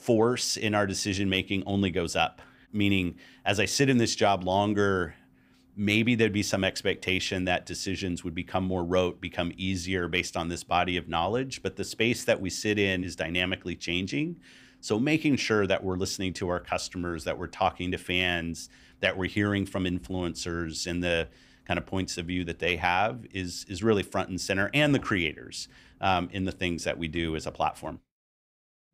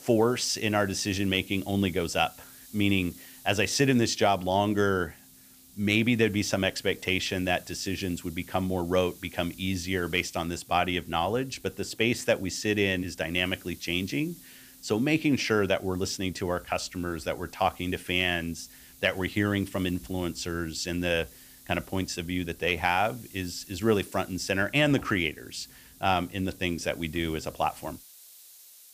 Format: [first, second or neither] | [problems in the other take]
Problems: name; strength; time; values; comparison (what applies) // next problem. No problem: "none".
first | hiss; faint; throughout; 20 dB below the speech